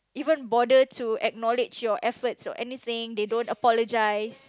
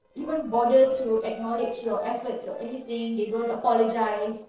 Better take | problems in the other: first | noise reduction (neural separator model SepFormer DNS4)

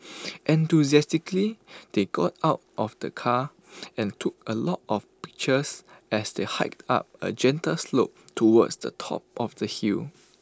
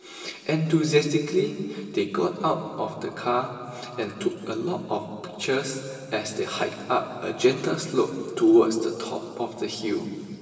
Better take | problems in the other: first | room echo; dies away in 2.5 s

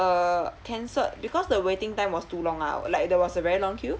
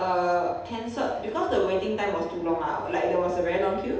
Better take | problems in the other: first | room echo; dies away in 0.8 s

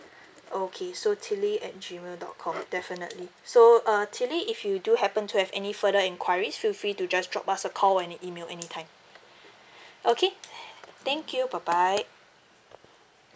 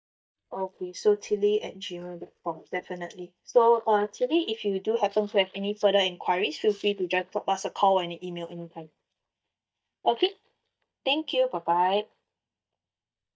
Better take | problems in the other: first | noise reduction (neural mask model DeepFilterNet 3)

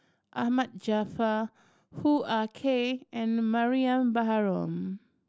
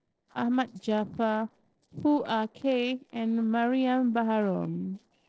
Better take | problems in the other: first | noise reduction (neural separator model SepFormer DNS4)

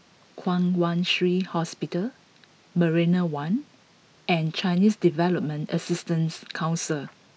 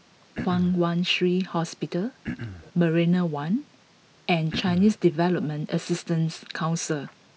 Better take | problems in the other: first | background sound (Cough); 9 dB below the speech

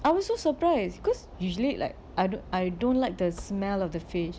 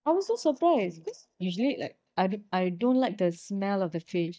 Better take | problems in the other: first | noise reduction (neural mask model DeepFilterNet 3)

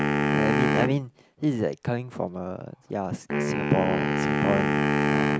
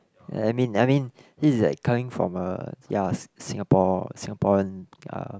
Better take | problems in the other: second | background sound (Wind instrument, woodwind instrument); 3 dB above the speech

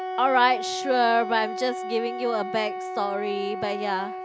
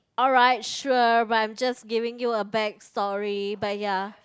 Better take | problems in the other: second | background sound (Wind instrument, woodwind instrument); 6 dB below the speech

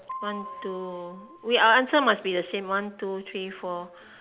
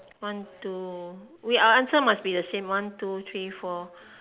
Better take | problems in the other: second | background sound (Piano); 17 dB below the speech

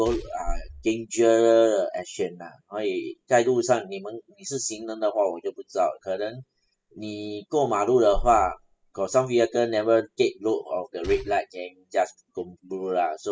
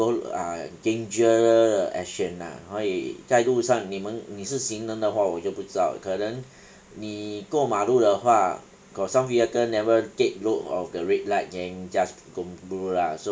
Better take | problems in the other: second | noise reduction (classical method spectral subtraction)

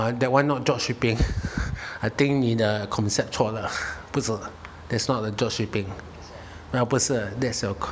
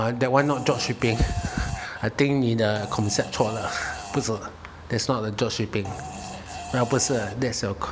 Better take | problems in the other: first | background sound (Fart); 13 dB below the speech

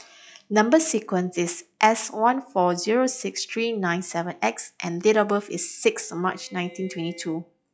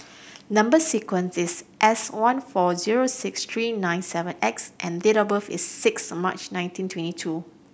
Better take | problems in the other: second | noise reduction (classical method log-MMSE)

